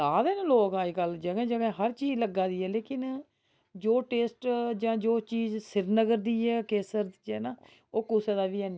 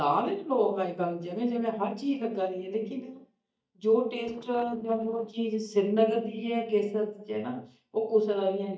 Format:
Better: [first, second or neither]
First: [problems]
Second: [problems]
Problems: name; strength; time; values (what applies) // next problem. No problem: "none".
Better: first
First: none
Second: noise reduction (neural mask model DeepFilterNet 3)